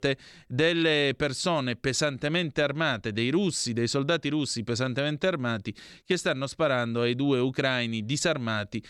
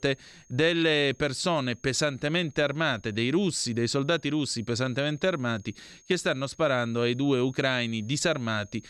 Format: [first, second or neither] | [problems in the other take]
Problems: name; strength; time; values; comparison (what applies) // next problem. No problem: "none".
first | high-pitched whine; faint; throughout; 6.5 kHz, 30 dB below the speech